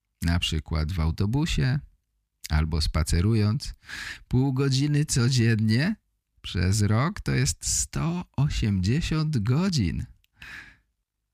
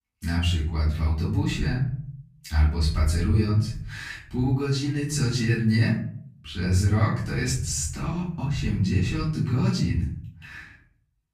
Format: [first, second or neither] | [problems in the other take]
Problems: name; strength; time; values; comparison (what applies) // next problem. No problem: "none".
first | off-mic speech; far // room echo; noticeable; dies away in 0.5 s